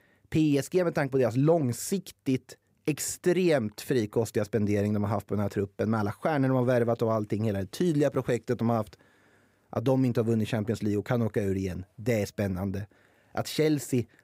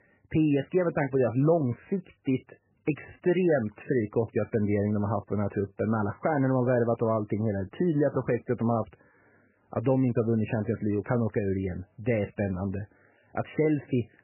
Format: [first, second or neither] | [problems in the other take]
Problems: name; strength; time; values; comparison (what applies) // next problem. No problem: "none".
first | garbled, watery; badly; nothing above 3 kHz